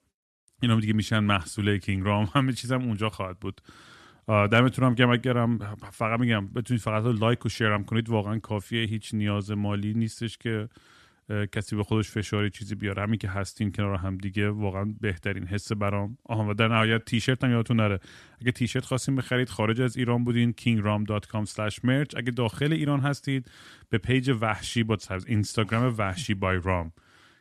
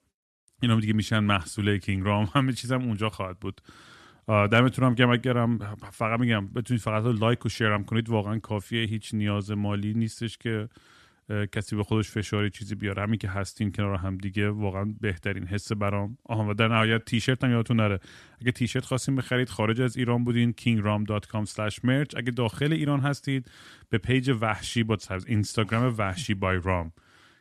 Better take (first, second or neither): neither